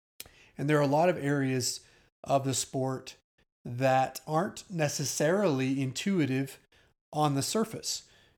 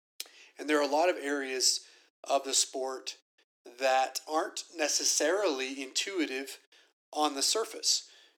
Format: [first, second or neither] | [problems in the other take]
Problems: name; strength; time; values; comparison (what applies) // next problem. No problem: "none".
first | thin; somewhat; fading below 300 Hz